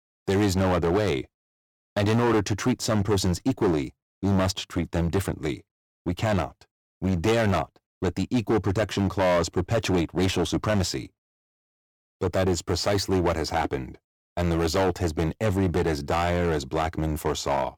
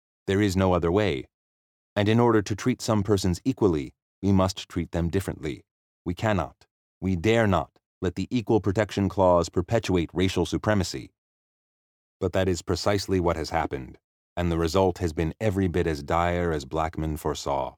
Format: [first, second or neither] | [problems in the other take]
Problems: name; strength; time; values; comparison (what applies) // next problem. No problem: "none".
second | distortion; heavy; 11% of the sound clipped